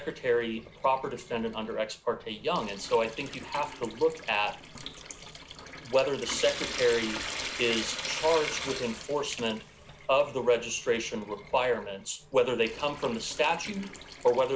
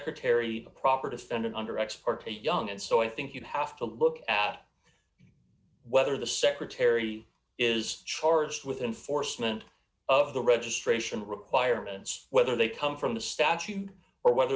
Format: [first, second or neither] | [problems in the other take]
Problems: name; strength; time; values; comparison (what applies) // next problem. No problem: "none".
second | background sound (Trickle, dribble / Sink (filling or washing) / Water tap, faucet); 11 dB below the speech